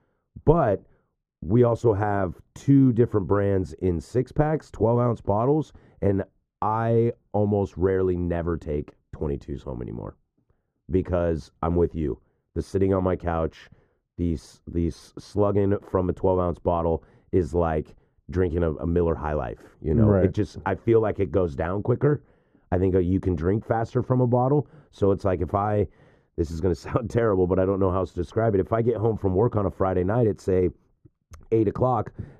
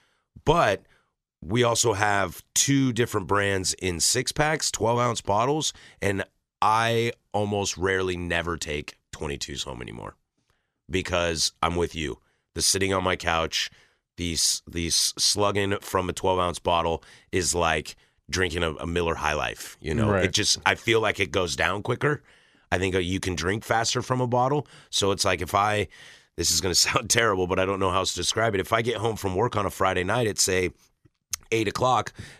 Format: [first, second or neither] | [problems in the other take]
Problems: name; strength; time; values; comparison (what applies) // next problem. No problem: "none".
second | muffled; very; fading above 1.5 kHz